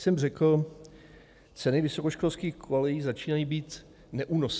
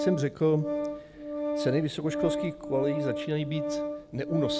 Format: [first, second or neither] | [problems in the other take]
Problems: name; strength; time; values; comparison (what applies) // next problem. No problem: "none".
first | background sound (Organ); 3 dB below the speech